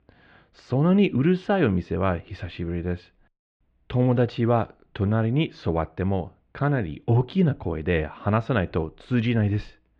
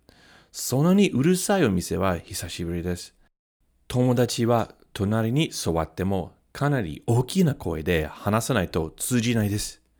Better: second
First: muffled; very; fading above 3 kHz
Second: none

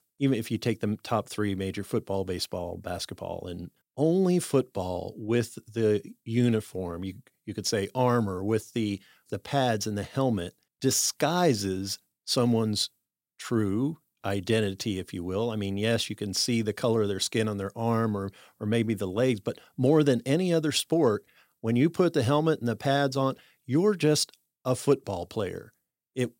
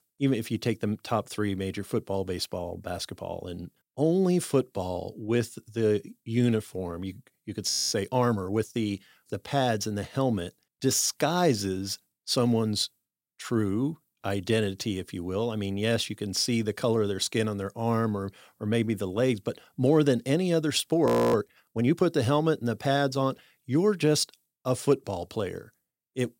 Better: first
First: none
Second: audio freezing; at 7.5 s and at 21 s

